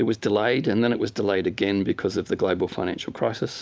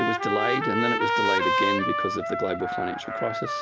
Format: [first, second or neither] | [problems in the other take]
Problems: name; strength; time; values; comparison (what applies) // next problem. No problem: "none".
first | background sound (Trumpet); 3 dB above the speech